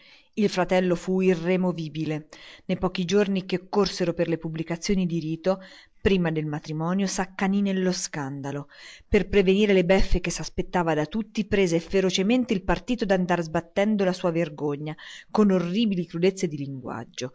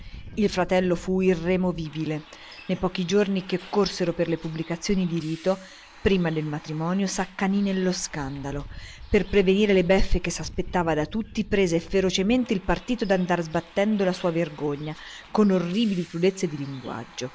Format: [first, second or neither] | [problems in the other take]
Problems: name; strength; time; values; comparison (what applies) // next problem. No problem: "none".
first | background sound (Bus); 19 dB below the speech